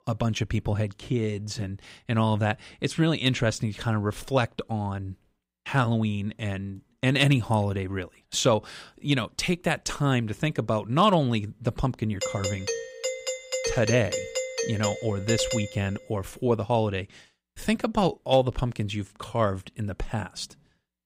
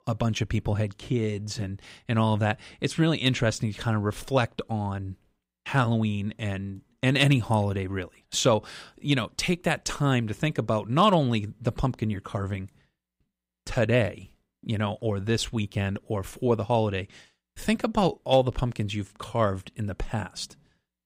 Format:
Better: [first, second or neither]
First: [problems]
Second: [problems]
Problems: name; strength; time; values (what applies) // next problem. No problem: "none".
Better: second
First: doorbell; noticeable; from 12 to 16 s; peak 2 dB below the speech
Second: none